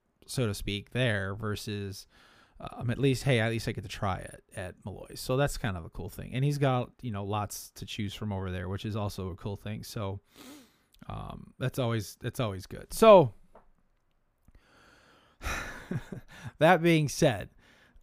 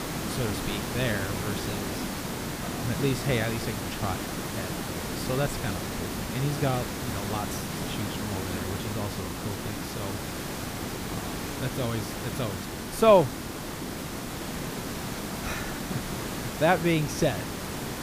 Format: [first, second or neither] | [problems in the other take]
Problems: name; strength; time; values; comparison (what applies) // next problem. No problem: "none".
first | hiss; loud; throughout; 3 dB below the speech